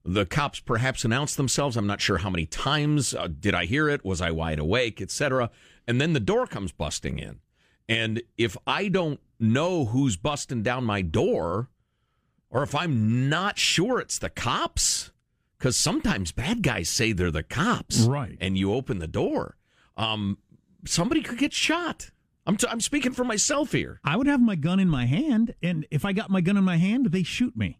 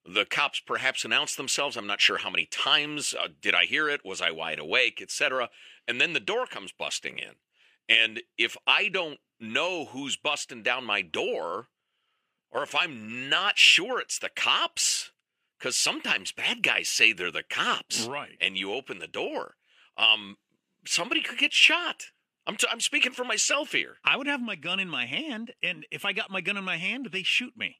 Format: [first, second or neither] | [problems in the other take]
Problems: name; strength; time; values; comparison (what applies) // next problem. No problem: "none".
first | thin; somewhat; fading below 450 Hz